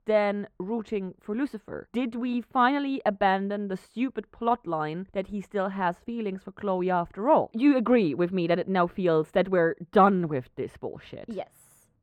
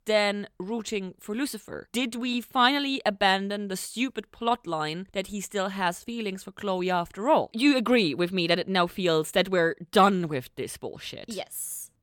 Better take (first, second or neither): second